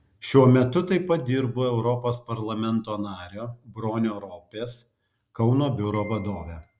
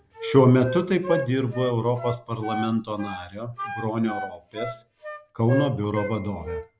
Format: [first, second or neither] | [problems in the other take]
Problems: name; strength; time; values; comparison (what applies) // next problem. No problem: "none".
first | background sound (Wind instrument, woodwind instrument); 9 dB below the speech